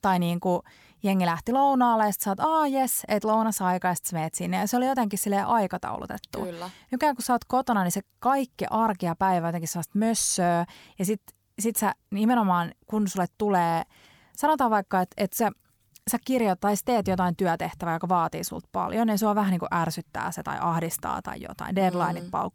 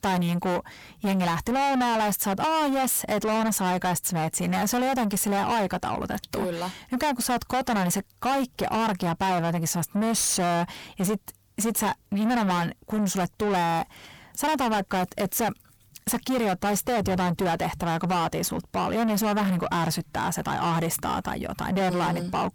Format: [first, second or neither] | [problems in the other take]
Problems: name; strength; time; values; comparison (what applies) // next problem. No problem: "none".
first | distortion; heavy; 7 dB below the speech